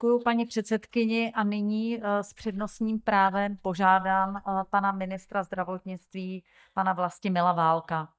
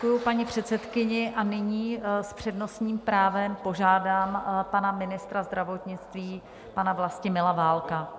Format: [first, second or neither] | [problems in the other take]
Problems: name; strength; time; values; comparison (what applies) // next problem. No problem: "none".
second | noise reduction (neural mask model DeepFilterNet 3)